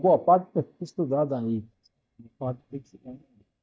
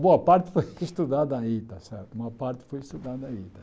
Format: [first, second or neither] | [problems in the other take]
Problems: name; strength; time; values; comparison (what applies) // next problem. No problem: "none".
second | noise reduction (neural mask model DeepFilterNet 3)